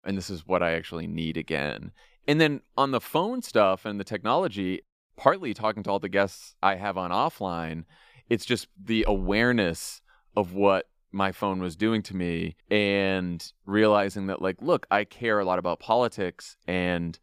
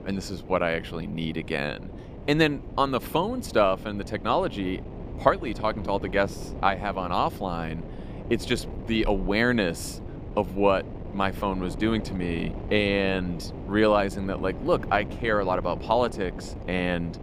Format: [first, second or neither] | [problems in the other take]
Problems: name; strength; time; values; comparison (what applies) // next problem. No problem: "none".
first | wind noise on the microphone; occasional gusts; 15 dB below the speech